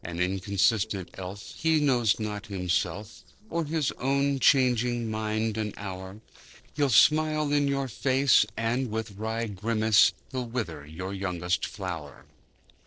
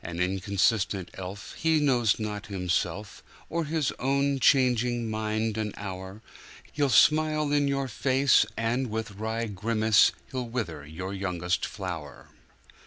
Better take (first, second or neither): second